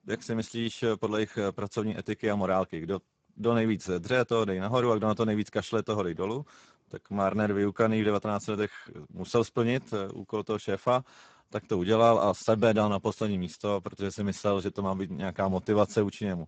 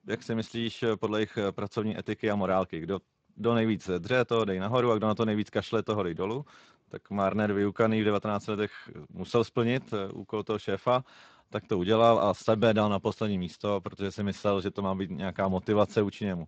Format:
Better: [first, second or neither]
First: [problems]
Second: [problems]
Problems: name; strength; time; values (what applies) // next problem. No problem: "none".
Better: second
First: garbled, watery; badly; nothing above 7.5 kHz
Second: garbled, watery; slightly; nothing above 7.5 kHz